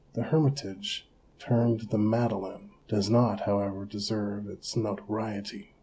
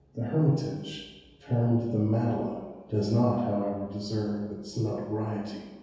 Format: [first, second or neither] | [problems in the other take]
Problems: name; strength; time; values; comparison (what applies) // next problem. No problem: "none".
first | room echo; dies away in 1.2 s